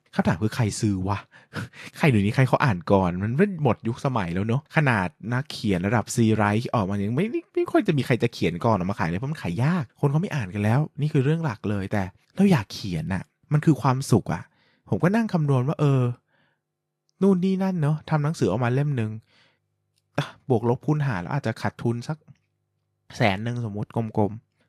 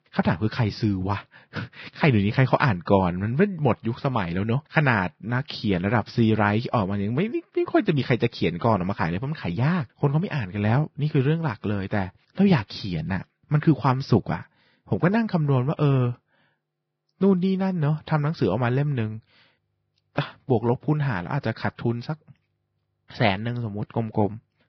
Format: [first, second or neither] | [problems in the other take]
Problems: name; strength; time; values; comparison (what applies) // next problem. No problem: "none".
first | garbled, watery; badly; nothing above 5.5 kHz; slightly in the first